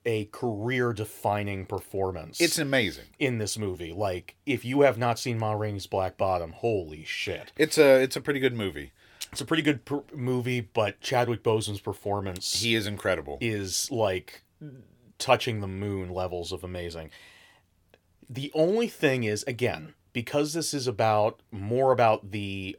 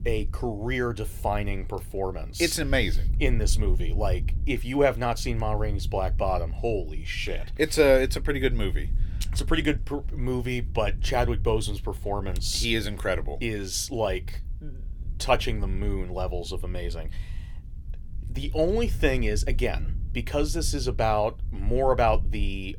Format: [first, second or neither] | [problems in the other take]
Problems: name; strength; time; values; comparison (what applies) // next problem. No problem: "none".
first | low rumble; faint; throughout; 25 dB below the speech